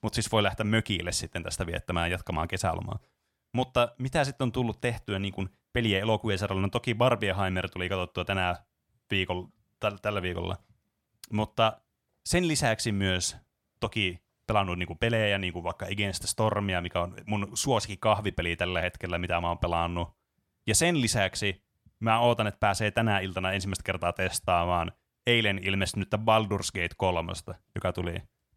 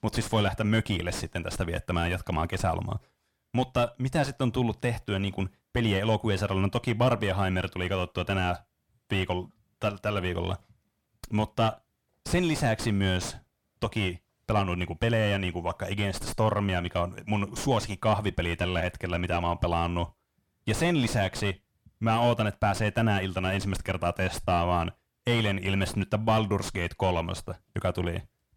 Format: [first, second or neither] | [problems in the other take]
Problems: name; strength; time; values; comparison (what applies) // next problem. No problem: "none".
first | distortion; heavy; 6 dB below the speech